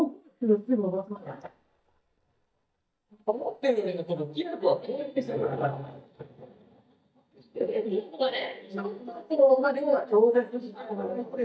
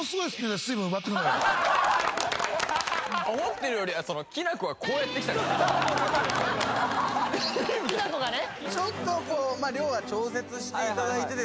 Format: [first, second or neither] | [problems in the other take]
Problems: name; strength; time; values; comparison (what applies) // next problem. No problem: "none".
second | noise reduction (neural mask model DeepFilterNet 3)